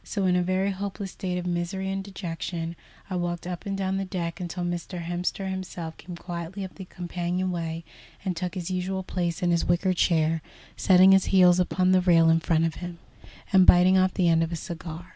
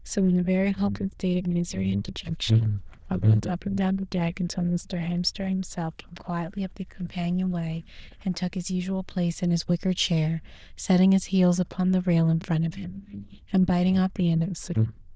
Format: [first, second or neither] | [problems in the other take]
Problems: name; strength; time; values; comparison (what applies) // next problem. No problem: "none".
first | noise reduction (neural diffusion model UNIVERSE++)